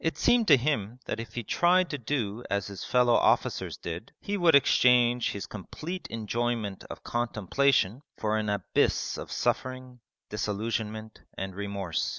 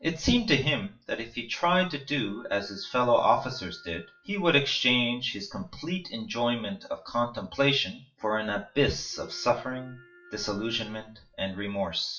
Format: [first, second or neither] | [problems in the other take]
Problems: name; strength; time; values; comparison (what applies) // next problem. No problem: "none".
first | noise reduction (classical method WPE with log-MMSE)